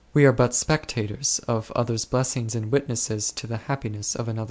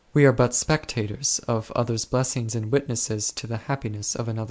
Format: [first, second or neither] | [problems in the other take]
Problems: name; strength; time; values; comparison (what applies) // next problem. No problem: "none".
first | noise reduction (neural mask model Resemble Enhance denoiser)